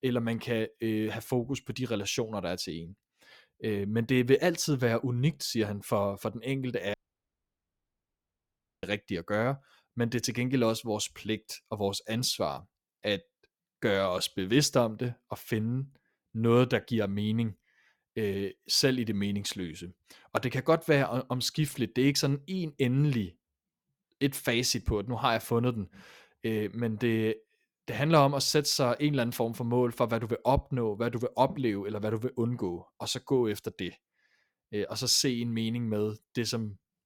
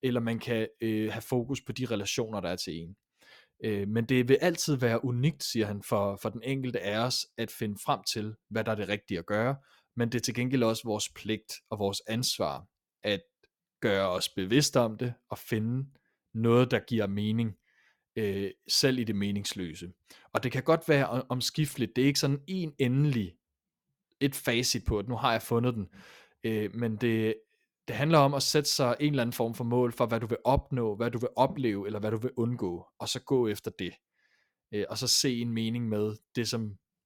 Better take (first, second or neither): second